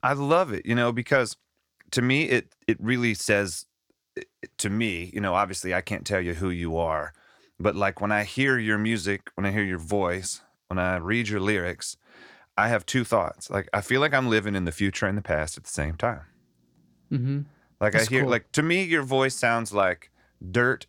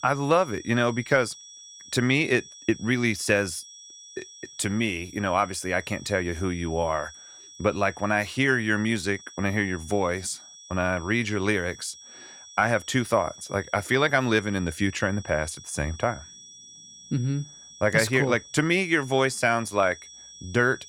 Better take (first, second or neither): first